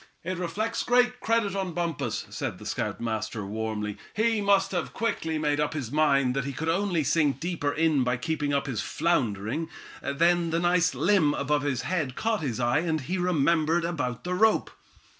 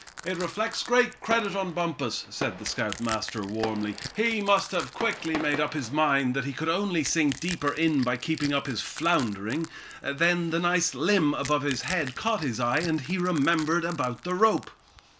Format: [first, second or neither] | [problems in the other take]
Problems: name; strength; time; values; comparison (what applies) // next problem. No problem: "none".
first | background sound (Crack / Crushing + Fireworks); 14 dB below the speech